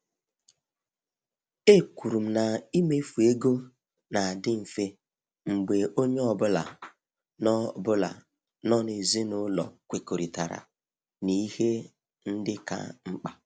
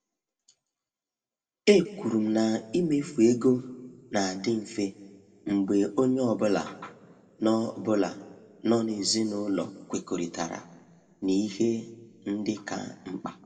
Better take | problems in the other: first | room echo; dies away in 0.9 s

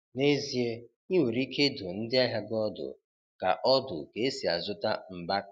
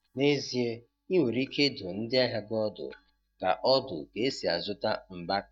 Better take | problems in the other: first | noise reduction (neural mask model DeepFilterNet 3)

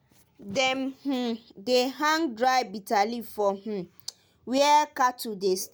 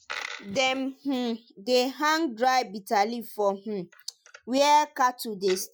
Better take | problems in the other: first | noise reduction (classical method Wiener filter)

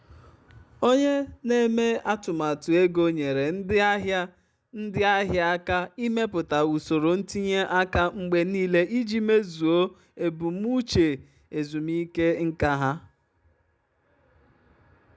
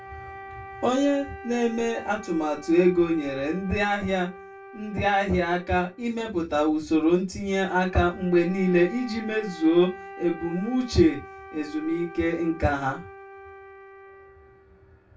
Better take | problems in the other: first | background sound (Wind instrument, woodwind instrument); 17 dB below the speech // room echo; dies away in 0.2 s

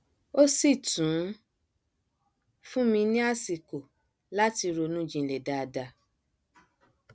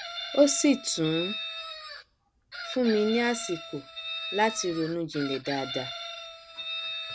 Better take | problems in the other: first | background sound (Chicken, rooster); 9 dB below the speech

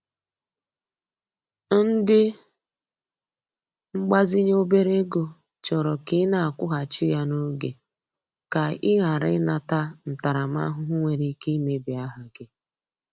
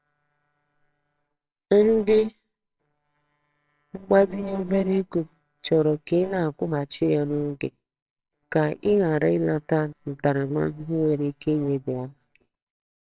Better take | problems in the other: first | noise reduction (neural separator model SepFormer WHAMR!)

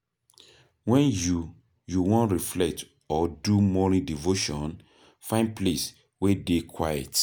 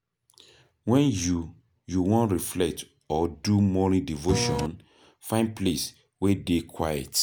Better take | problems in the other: first | background sound (Printer); 1 dB below the speech

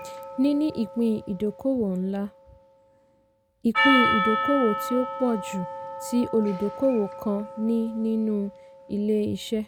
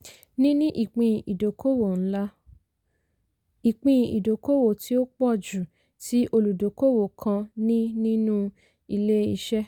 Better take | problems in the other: second | background sound (Percussion); 5 dB below the speech

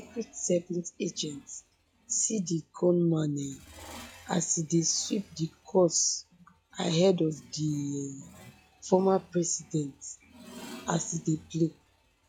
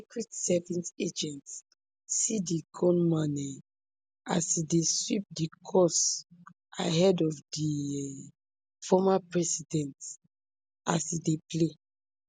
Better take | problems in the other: second | noise reduction (classical method log-MMSE)

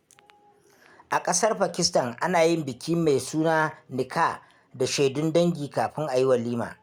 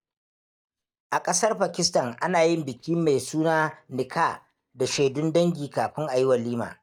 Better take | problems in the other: first | noise reduction (neural mask model DeepFilterNet 3)

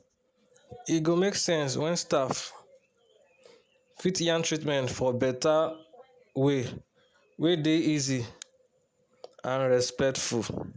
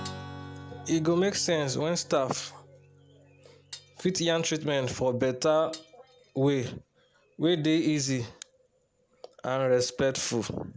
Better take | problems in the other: first | background sound (Glass + Strum); 20 dB below the speech

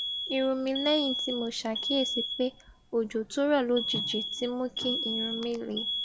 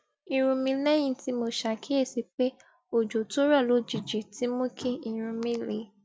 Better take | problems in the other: second | background sound (Alarm); 4 dB below the speech

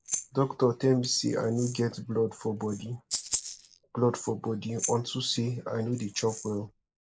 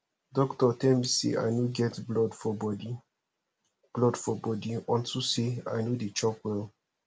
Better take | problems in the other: second | noise reduction (neural mask model Resemble Enhance denoiser)

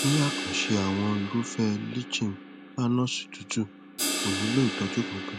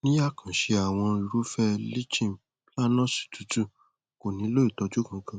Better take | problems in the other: second | background sound (Crash cymbal); 5 dB below the speech

